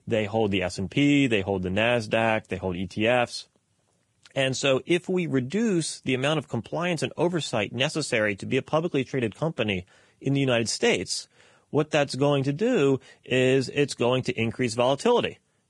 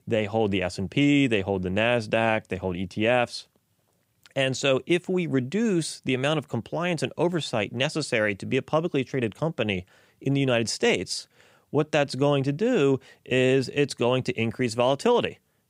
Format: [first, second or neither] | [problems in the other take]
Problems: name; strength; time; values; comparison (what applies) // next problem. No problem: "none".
second | garbled, watery; badly